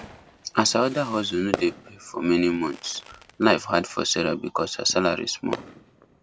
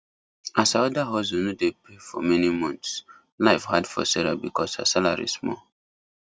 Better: second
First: background sound (Fireworks); 15 dB below the speech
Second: none

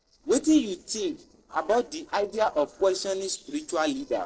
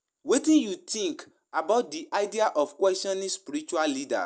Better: second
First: noise reduction (neural separator model SepFormer DNS4)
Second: none

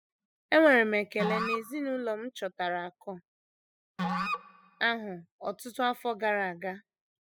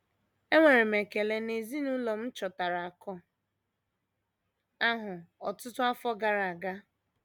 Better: second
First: noise reduction (classical method spectral subtraction)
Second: none

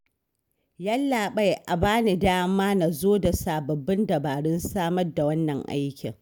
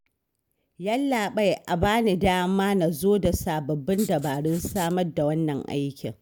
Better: first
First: none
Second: background sound (Writing); 18 dB below the speech

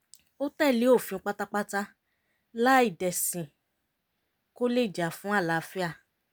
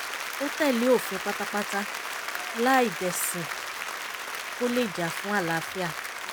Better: first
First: none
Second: background sound (Applause); 5 dB below the speech

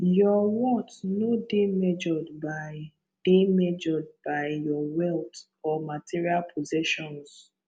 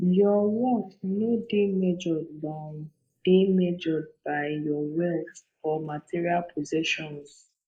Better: first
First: none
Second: noise reduction (neural mask model Resemble Enhance denoiser)

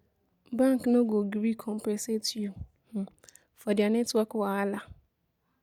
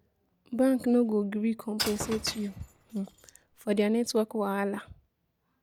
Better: first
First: none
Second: background sound (Shatter / Crushing); 10 dB below the speech

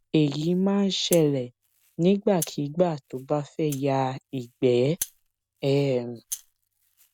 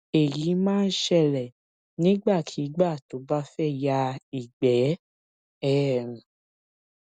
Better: second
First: background sound (Rattle (instrument)); 17 dB below the speech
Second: none

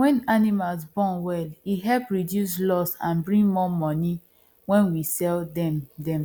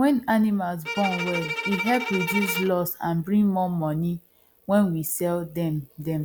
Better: first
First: none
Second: background sound (Bowed string instrument); 7 dB below the speech

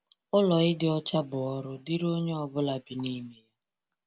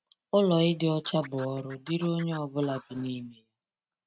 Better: first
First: none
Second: noise reduction (neural mask model RNNoise)

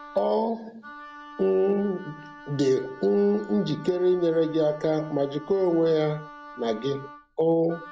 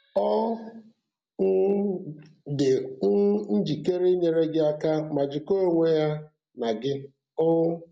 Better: second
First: background sound (Wind instrument, woodwind instrument); 19 dB below the speech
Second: none

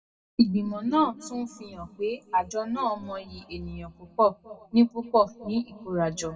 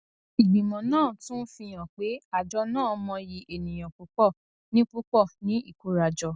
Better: second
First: room echo; dies away in 1.5 s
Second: none

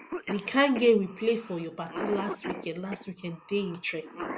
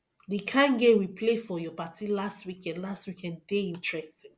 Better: second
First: background sound (Cough); 10 dB below the speech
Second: none

